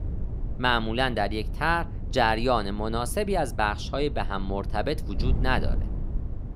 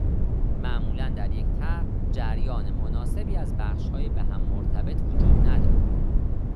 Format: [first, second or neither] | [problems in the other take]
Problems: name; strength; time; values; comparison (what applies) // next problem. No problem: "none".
first | wind noise on the microphone; heavy; 2 dB above the speech; occasional gusts in the first